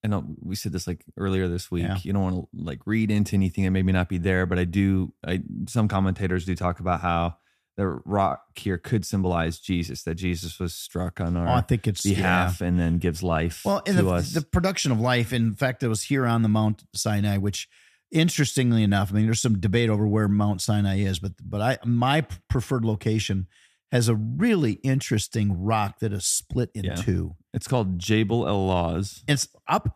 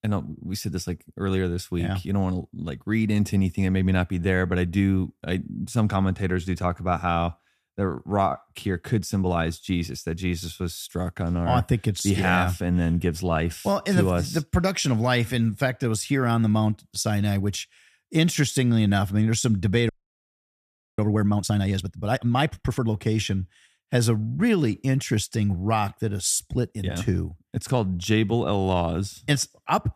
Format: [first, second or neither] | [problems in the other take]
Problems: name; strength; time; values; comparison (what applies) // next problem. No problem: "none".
first | audio freezing; at 20 s for 1 s